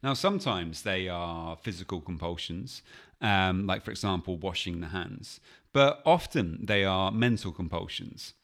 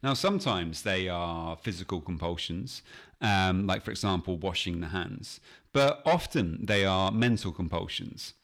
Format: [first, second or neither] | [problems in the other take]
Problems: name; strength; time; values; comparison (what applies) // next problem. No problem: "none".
first | distortion; slight; 10 dB below the speech